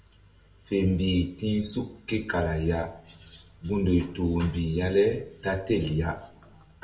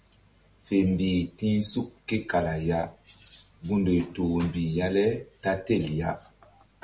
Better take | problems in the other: second | room echo; dies away in 0.6 s

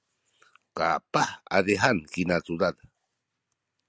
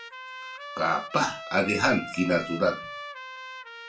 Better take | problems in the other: first | background sound (Trumpet); 11 dB below the speech // room echo; dies away in 0.3 s

